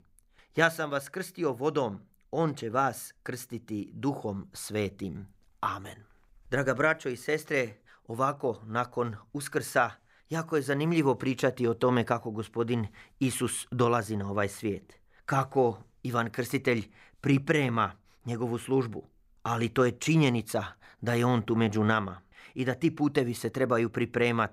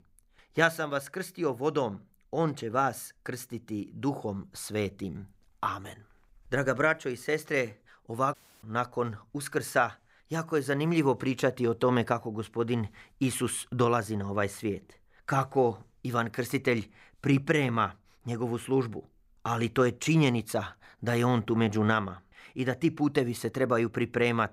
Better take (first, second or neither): first